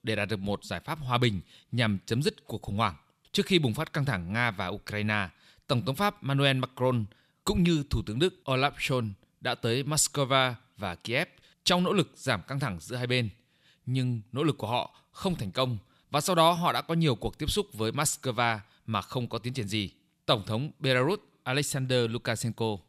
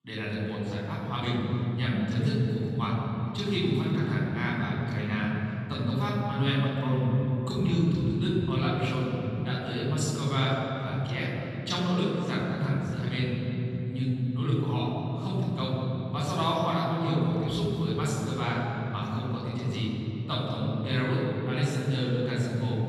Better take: first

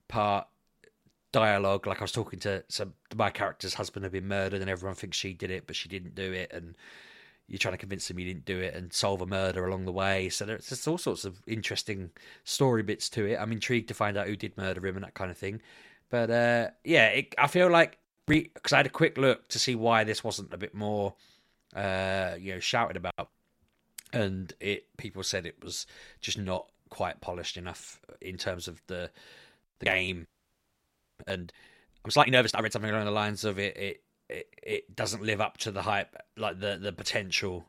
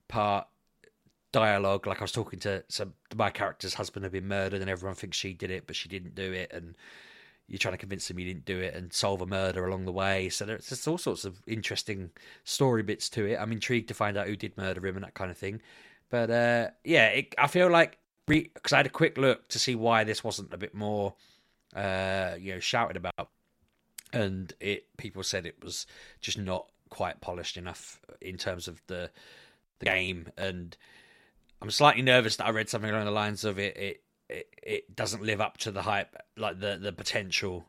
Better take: second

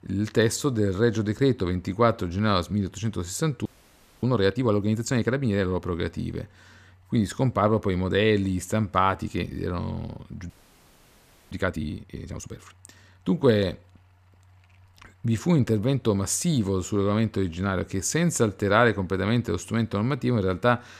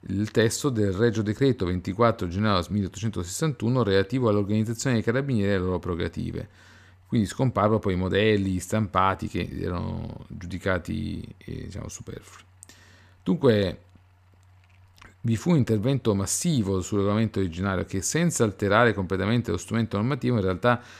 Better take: second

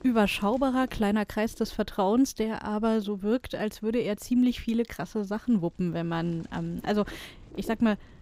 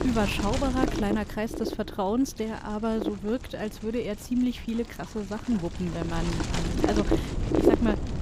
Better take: first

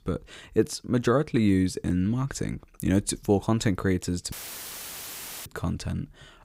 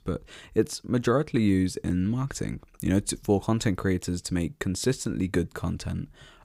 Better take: second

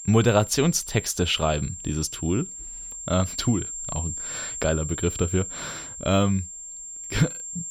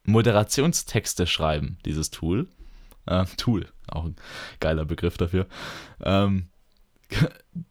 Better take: second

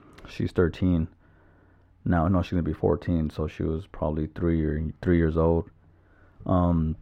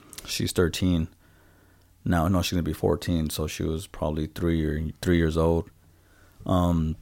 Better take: second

